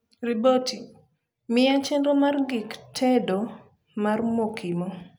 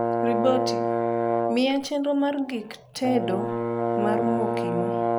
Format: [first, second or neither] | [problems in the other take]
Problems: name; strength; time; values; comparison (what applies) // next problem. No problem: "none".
first | background sound (Brass instrument); 1 dB above the speech